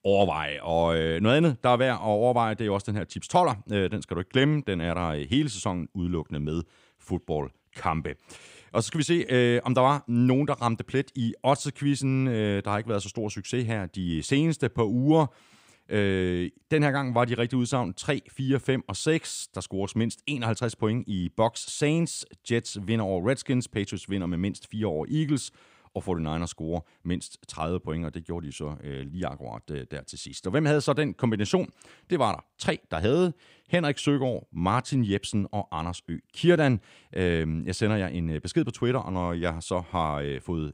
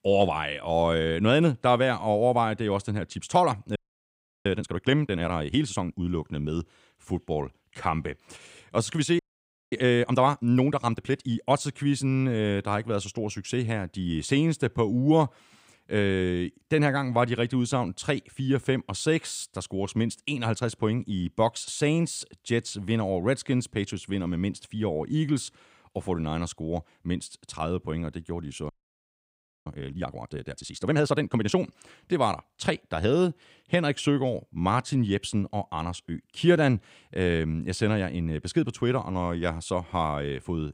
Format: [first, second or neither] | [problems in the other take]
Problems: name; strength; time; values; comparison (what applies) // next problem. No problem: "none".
first | audio freezing; at 4 s for 0.5 s, at 9 s for 0.5 s and at 29 s for 1 s